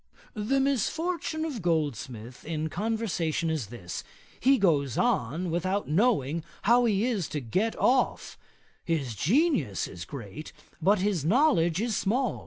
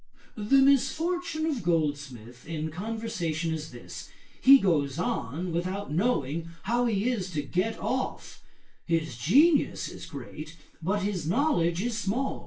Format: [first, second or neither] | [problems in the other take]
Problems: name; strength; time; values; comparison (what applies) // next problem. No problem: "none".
first | room echo; dies away in 0.2 s